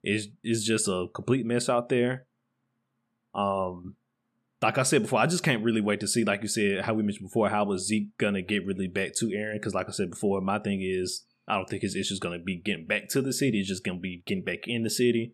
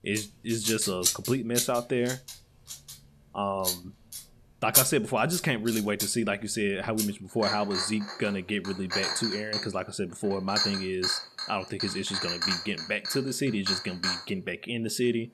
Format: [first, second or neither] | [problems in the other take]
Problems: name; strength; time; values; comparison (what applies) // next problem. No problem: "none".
first | household noises; loud; throughout; as loud as the speech